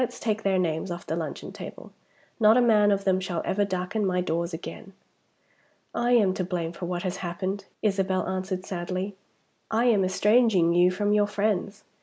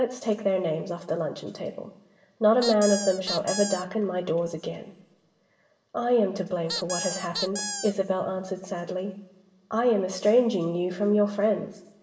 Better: first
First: none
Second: background sound (Squeak); 7 dB below the speech // room echo; dies away in 0.8 s

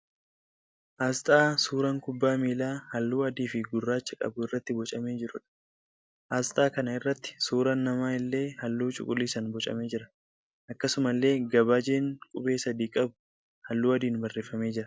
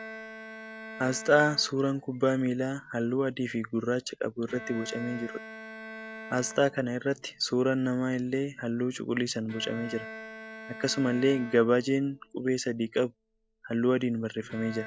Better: first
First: none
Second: background sound (Bowed string instrument); 16 dB below the speech

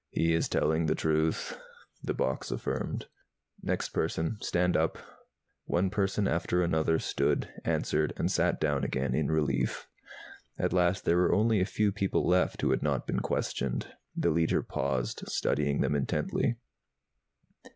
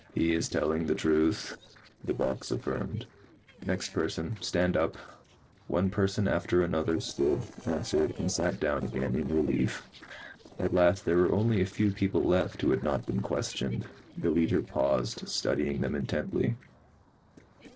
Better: first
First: none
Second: noise reduction (neural separator model SepFormer DNS4)

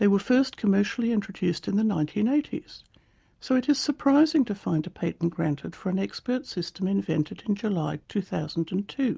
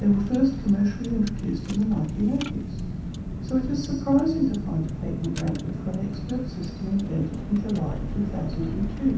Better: first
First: none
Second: background sound (Car); 5 dB below the speech // room echo; dies away in 0.7 s

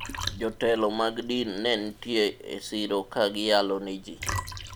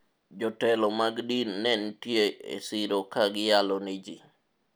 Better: second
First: background sound (Liquid); 11 dB below the speech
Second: none

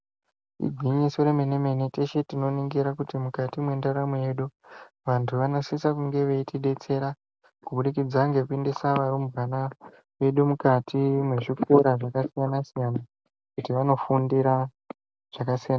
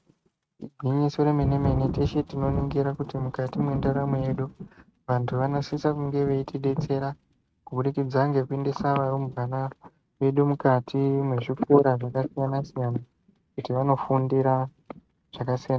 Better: first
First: none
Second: noise reduction (neural mask model RNNoise)

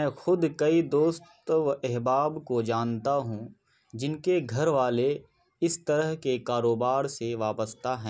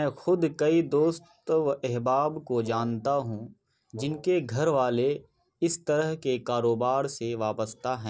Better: first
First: none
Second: noise reduction (neural separator model SepFormer DNS4)

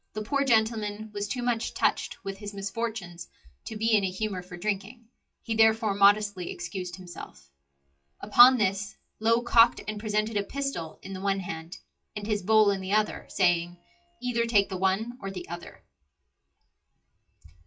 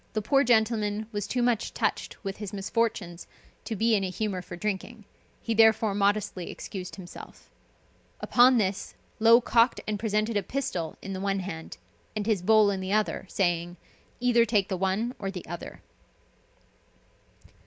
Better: second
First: noise reduction (classical method WPE with log-MMSE)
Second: none

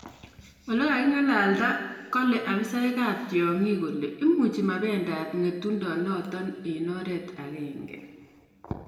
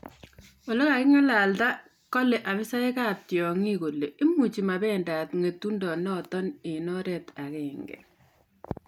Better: second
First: room echo; dies away in 1.5 s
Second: none

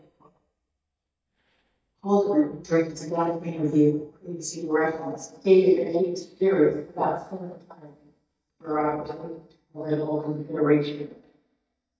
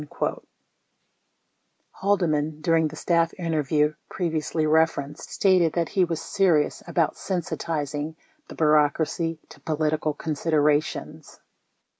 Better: second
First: noise reduction (neural mask model DeepFilterNet 3)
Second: none

